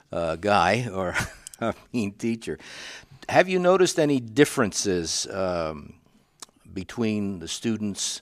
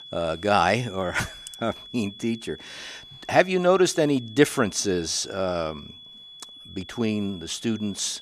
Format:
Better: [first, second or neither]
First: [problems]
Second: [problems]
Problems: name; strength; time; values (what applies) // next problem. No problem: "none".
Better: first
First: none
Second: high-pitched whine; noticeable; throughout; 3.5 kHz, 20 dB below the speech